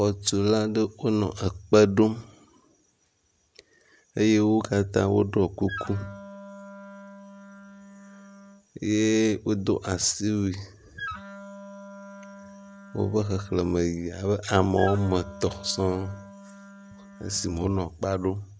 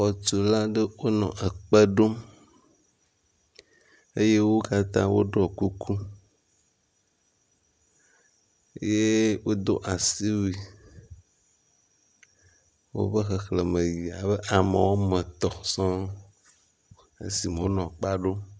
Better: second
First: background sound (Wind instrument, woodwind instrument); 16 dB below the speech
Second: none

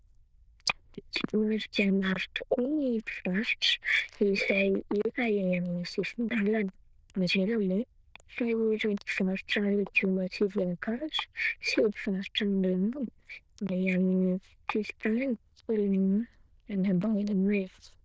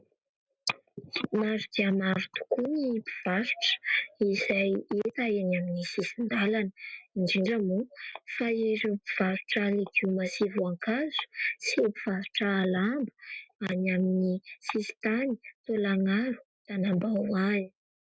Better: second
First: noise reduction (neural diffusion model UNIVERSE++)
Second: none

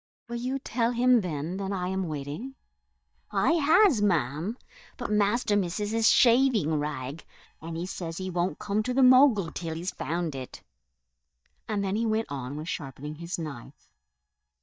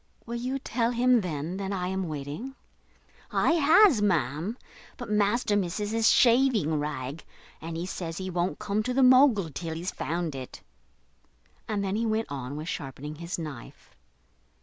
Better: second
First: noise reduction (neural mask model DeepFilterNet 3)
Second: none

